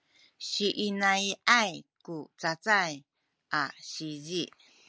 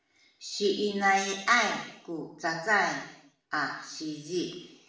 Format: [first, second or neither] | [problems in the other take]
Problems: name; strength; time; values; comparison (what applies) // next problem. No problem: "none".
first | room echo; dies away in 0.8 s